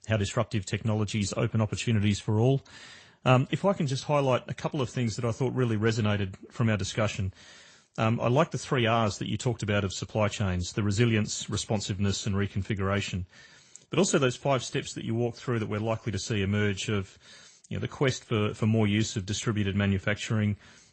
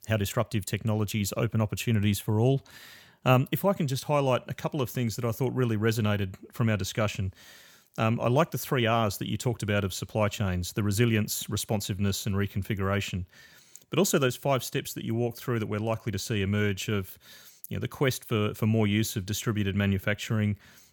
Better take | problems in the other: second | garbled, watery; slightly; nothing above 8 kHz

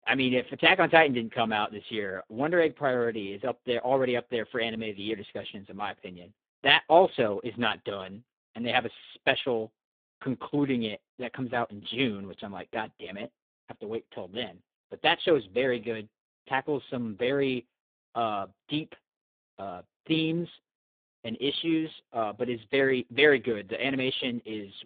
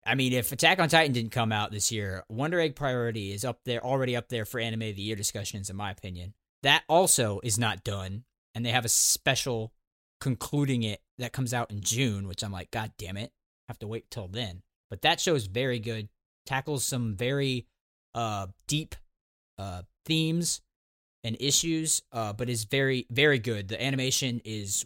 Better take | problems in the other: second | phone-call audio; poor line

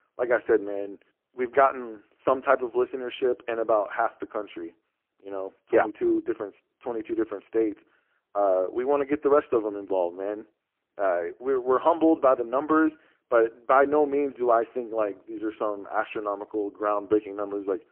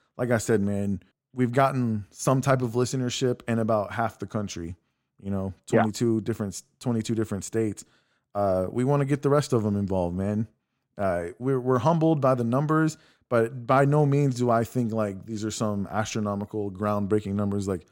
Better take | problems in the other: second | phone-call audio; poor line; nothing above 3 kHz

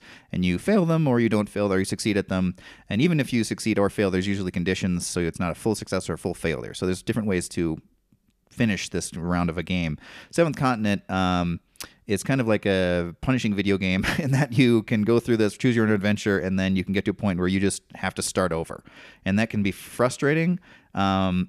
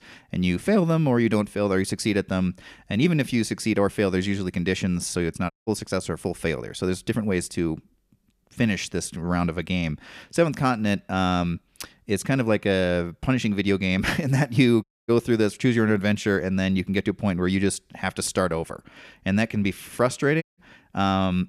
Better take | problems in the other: first | audio cutting out; at 5.5 s, at 15 s and at 20 s

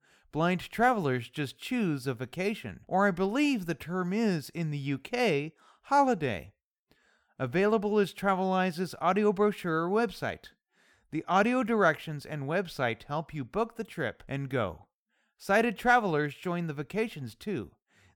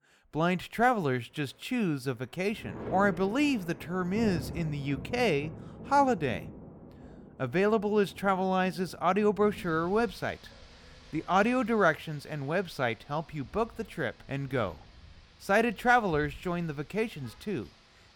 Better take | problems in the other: first | rain or running water; noticeable; throughout; 15 dB below the speech

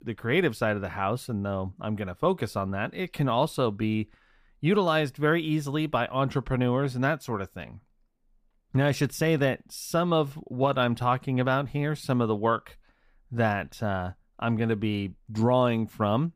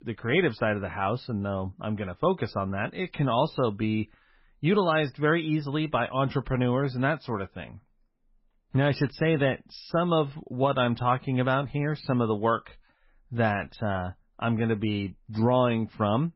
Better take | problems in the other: first | garbled, watery; badly; nothing above 5.5 kHz

